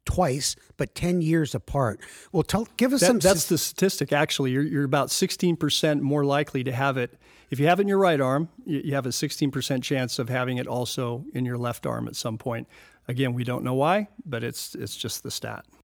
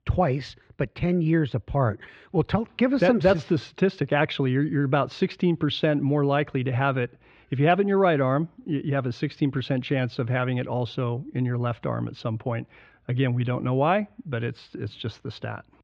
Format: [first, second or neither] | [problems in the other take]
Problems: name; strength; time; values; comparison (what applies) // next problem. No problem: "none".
first | muffled; very; fading above 3 kHz